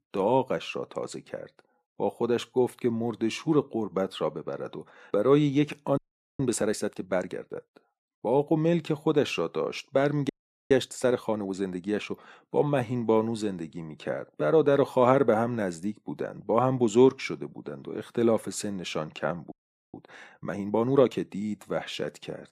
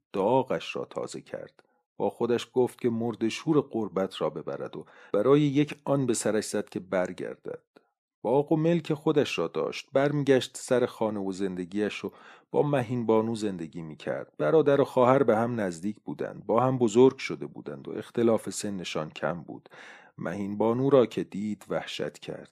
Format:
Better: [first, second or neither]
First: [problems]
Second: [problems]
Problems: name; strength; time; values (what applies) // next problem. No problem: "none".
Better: second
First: audio freezing; at 6 s, at 10 s and at 20 s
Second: none